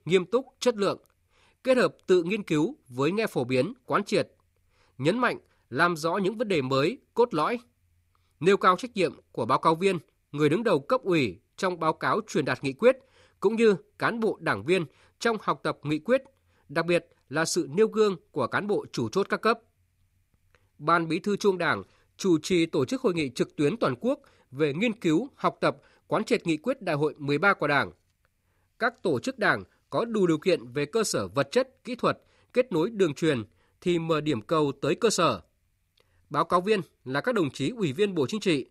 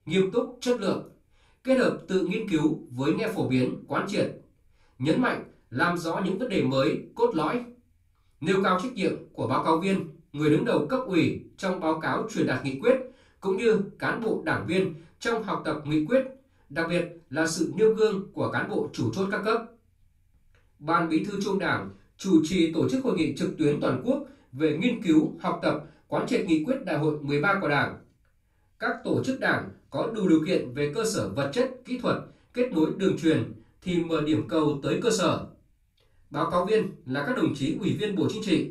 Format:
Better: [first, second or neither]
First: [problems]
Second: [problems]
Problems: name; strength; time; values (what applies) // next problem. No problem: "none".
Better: first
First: none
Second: off-mic speech; far // room echo; slight; dies away in 0.3 s